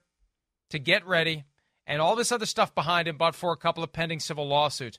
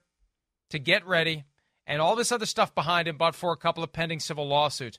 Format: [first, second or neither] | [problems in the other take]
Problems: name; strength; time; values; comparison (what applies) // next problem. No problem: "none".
neither | none